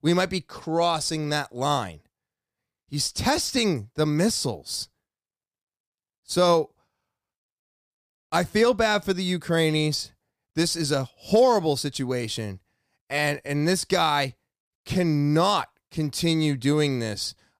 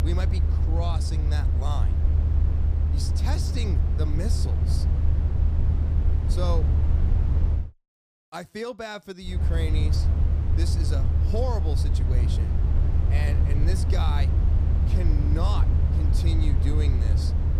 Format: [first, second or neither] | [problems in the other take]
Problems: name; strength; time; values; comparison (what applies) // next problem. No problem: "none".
first | low rumble; loud; until 7.5 s and from 9.5 s on; 3 dB below the speech